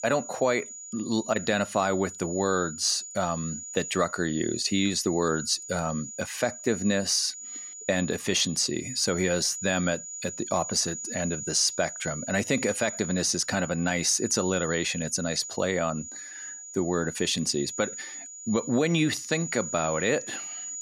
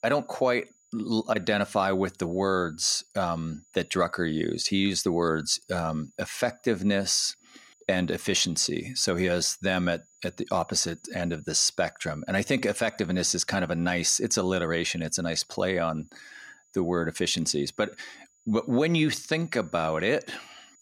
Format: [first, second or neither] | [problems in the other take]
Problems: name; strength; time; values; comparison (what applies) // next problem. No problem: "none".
second | high-pitched whine; loud; throughout; 7 kHz, 9 dB below the speech; faint in the second